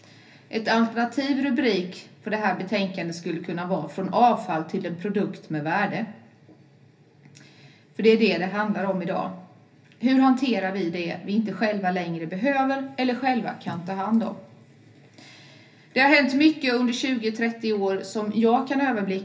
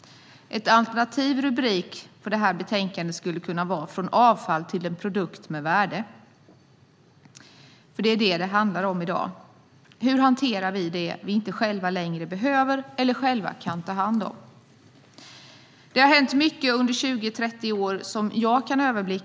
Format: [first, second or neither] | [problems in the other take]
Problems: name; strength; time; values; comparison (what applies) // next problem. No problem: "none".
second | room echo; dies away in 0.3 s